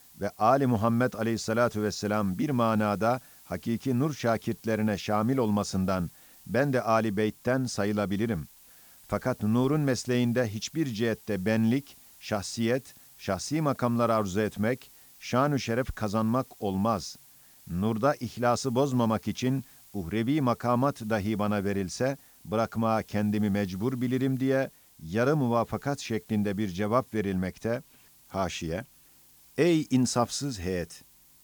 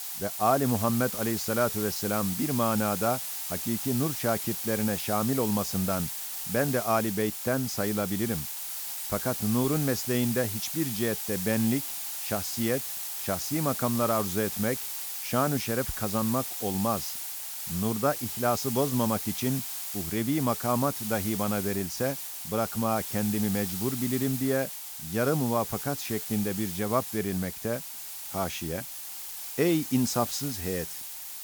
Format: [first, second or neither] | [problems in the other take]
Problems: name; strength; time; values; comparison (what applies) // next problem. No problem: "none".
first | hiss; loud; throughout; 3 dB below the speech; faint in the first